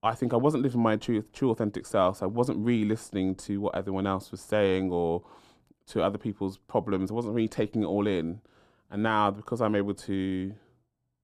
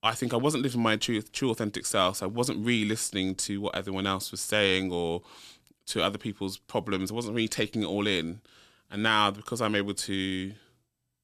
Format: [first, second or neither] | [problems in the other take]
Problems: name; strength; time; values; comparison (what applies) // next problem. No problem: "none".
second | muffled; very; fading above 1.5 kHz